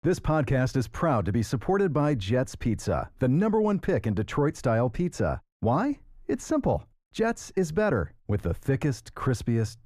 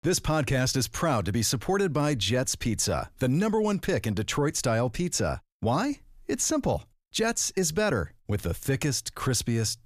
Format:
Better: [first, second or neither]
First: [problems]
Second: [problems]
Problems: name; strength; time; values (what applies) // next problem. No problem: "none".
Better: second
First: muffled; very; fading above 2.5 kHz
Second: none